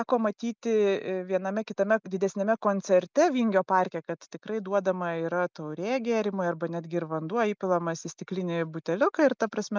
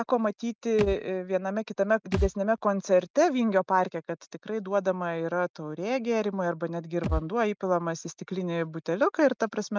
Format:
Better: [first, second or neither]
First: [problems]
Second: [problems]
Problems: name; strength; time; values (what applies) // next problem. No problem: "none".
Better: first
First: none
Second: noise reduction (neural mask model RNNoise)